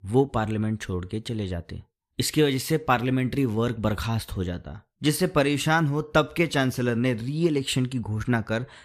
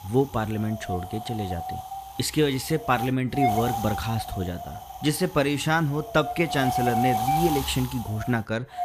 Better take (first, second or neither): first